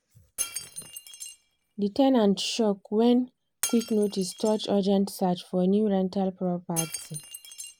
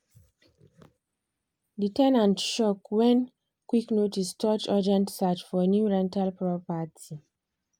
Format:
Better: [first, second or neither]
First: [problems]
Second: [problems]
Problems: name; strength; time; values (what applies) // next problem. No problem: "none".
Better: second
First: background sound (Shatter); 14 dB below the speech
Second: none